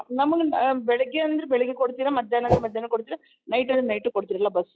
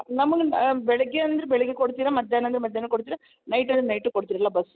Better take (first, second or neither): second